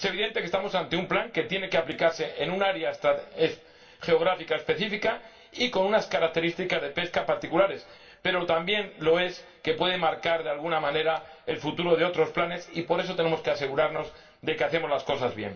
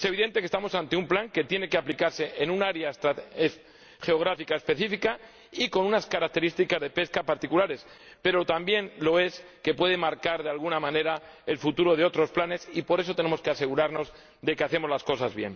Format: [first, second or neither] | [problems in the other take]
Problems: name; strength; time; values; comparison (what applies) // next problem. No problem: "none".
second | room echo; dies away in 0.2 s